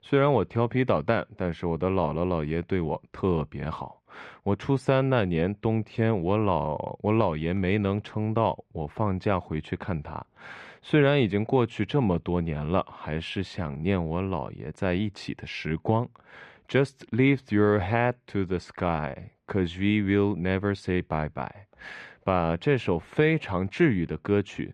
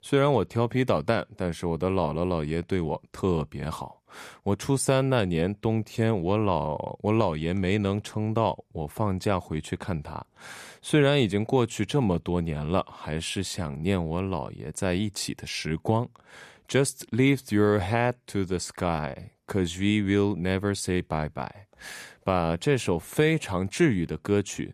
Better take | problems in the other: second | muffled; slightly; fading above 2.5 kHz

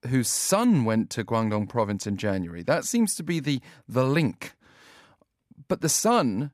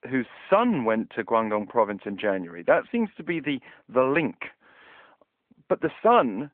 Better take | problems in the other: first | phone-call audio

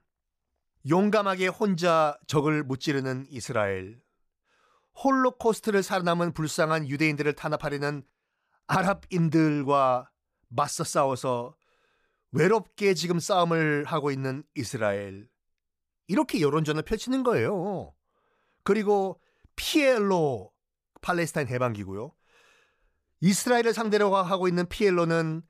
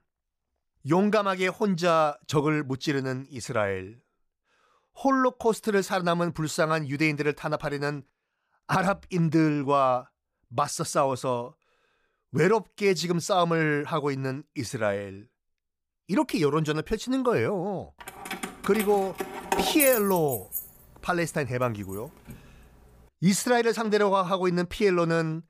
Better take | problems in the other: first | jangling keys; loud; from 18 to 22 s; peak 1 dB above the speech

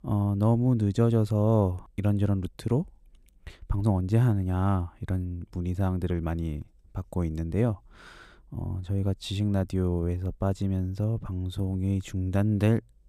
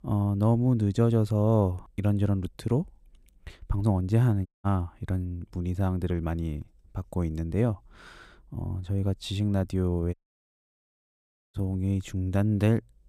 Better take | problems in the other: first | audio cutting out; at 4.5 s and at 10 s for 1.5 s

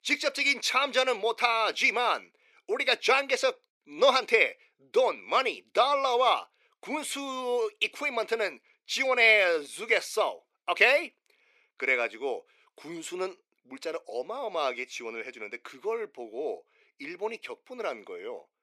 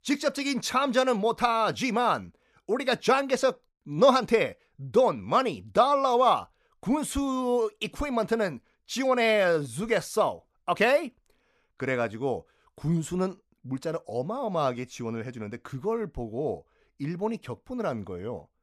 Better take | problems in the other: second | thin; somewhat; fading below 350 Hz

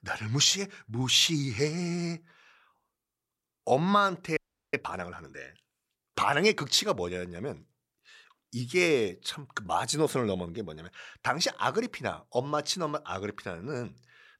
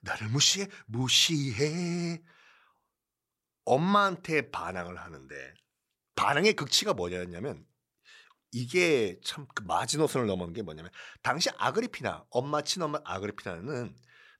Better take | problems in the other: second | audio freezing; at 4.5 s

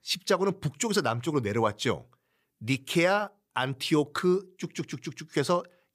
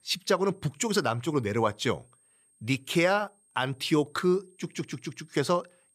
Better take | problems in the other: first | high-pitched whine; faint; throughout; 8.5 kHz, 35 dB below the speech

